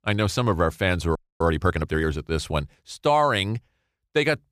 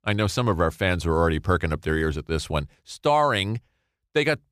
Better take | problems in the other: second | audio freezing; at 1 s

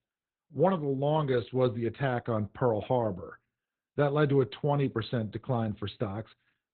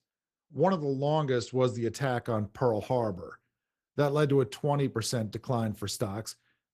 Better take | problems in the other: second | garbled, watery; badly; nothing above 4 kHz; slightly in the second

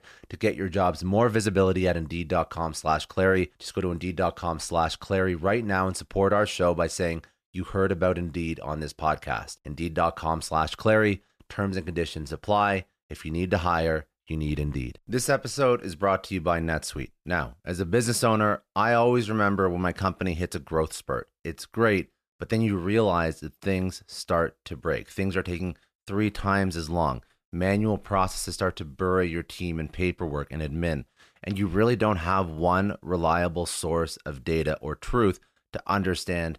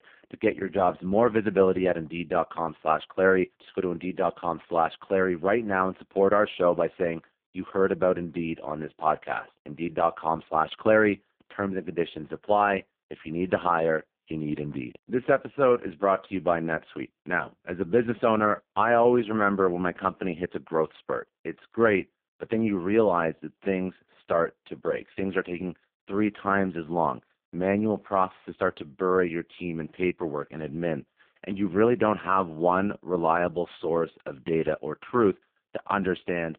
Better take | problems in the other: first | phone-call audio; poor line

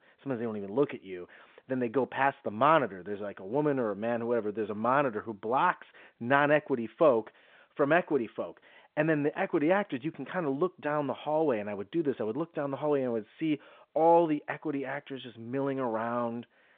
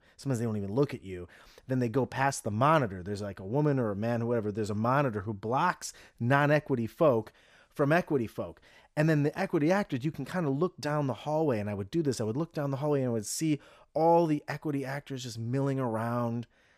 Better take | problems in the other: second | phone-call audio

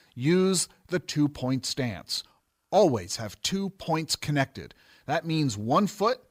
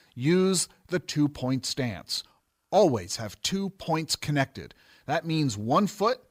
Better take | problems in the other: neither | none

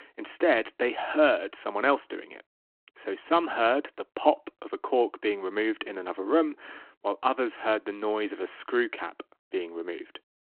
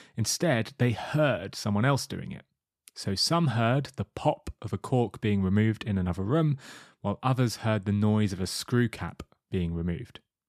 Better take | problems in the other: second | phone-call audio

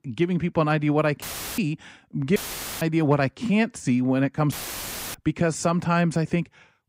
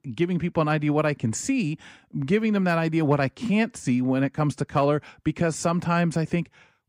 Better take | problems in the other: second | audio cutting out; filled with static; at 1 s, at 2.5 s and at 4.5 s for 0.5 s

